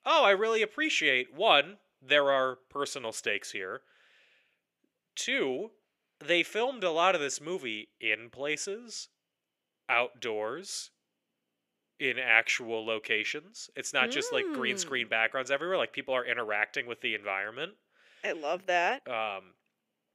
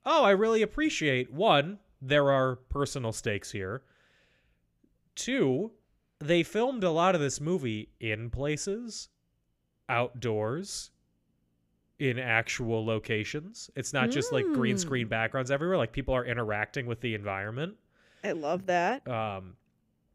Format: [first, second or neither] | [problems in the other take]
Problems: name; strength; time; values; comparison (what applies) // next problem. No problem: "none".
second | thin; somewhat; fading below 400 Hz